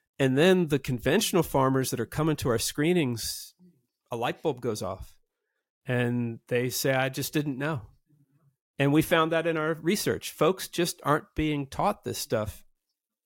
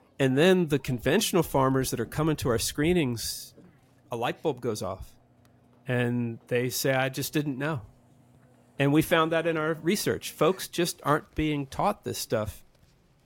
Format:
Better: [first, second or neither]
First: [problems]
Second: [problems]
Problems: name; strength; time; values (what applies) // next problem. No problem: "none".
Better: first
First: none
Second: household noises; faint; throughout; 30 dB below the speech